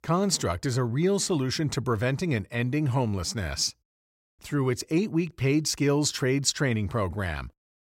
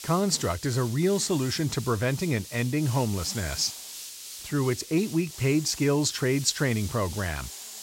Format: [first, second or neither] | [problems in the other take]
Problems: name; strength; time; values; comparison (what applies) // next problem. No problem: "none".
first | hiss; noticeable; throughout; 10 dB below the speech